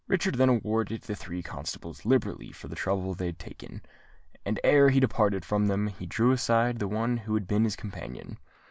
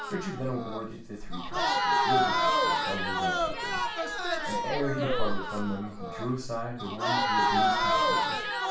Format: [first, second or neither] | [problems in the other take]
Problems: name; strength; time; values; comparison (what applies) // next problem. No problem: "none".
first | background sound (Crowd); 4 dB above the speech // room echo; dies away in 0.4 s